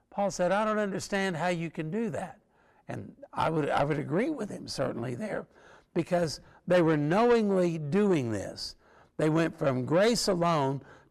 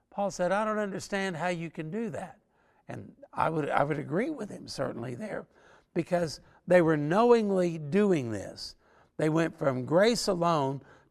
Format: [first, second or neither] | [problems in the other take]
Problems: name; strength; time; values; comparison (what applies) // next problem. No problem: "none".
second | distortion; slight; 10 dB below the speech